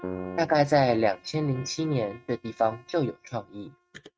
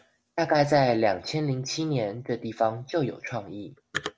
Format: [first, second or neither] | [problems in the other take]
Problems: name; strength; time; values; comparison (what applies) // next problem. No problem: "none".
second | noise reduction (neural mask model RNNoise)